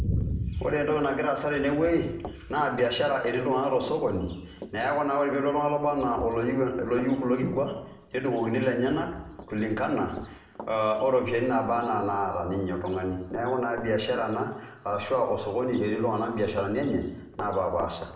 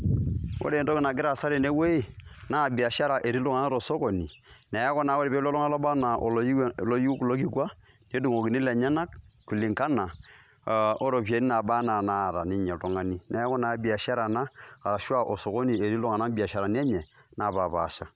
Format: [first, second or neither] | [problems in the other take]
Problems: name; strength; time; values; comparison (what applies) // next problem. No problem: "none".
second | background sound (Run); 20 dB below the speech // room echo; dies away in 0.8 s